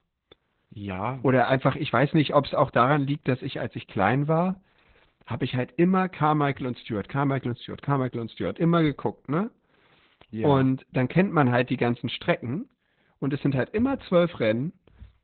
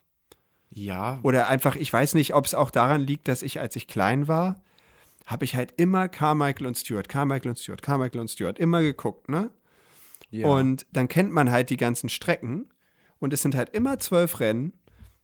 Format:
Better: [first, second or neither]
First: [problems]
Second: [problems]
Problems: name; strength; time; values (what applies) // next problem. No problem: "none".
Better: second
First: garbled, watery; badly; nothing above 4 kHz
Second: garbled, watery; slightly; nothing above 19 kHz